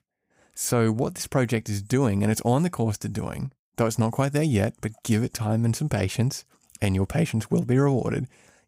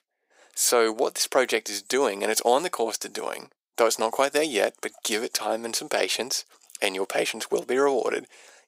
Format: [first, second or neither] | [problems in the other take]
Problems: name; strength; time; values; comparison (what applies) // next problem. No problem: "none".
first | thin; very; fading below 400 Hz